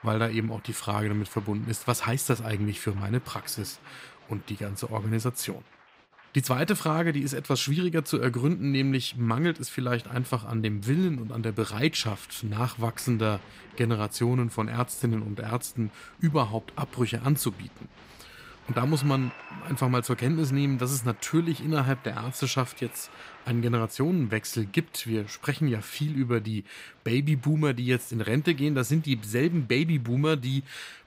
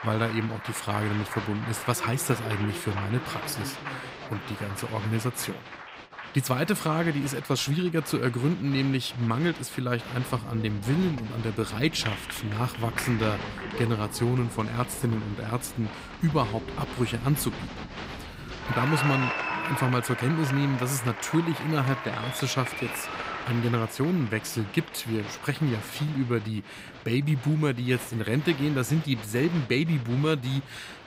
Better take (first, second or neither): first